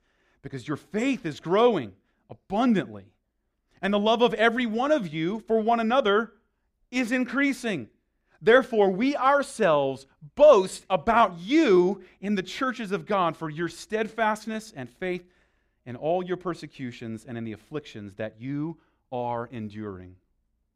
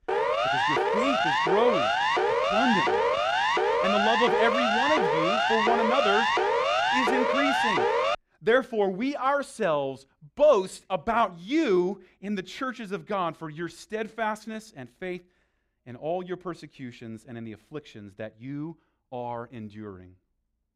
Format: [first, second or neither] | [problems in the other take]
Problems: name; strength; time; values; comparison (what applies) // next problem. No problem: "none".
first | siren; loud; until 8 s; peak 5 dB above the speech